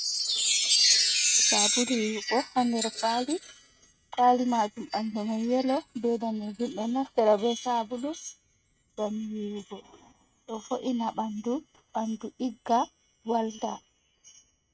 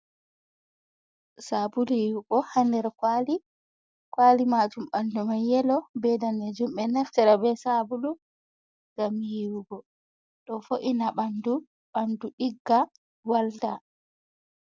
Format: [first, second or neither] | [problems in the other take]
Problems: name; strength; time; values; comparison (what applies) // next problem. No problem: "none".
second | noise reduction (neural mask model RNNoise)